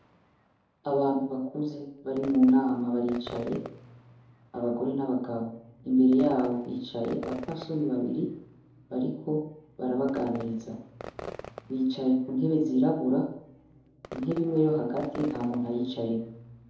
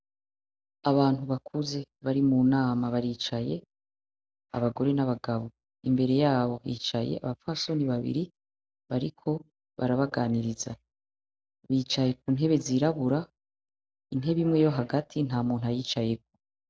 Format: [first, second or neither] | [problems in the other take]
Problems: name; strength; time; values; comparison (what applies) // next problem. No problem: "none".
second | background sound (Fireworks); 18 dB below the speech // room echo; dies away in 2.6 s